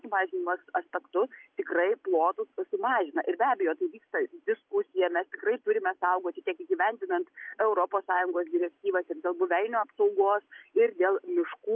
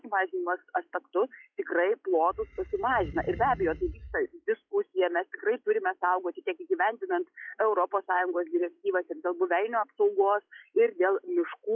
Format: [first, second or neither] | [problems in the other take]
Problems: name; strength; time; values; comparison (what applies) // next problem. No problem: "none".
first | noise reduction (classical method log-MMSE)